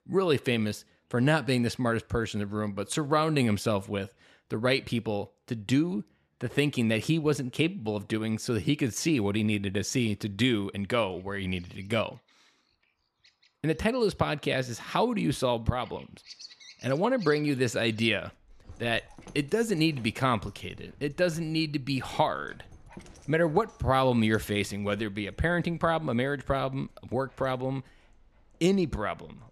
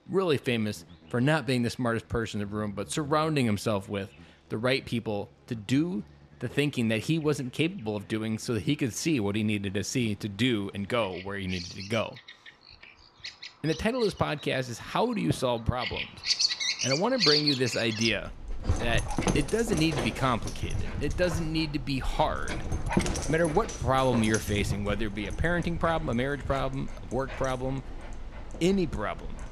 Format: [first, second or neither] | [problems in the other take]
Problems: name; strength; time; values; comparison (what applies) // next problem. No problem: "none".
first | animal sounds; loud; throughout; 4 dB below the speech; faint in the first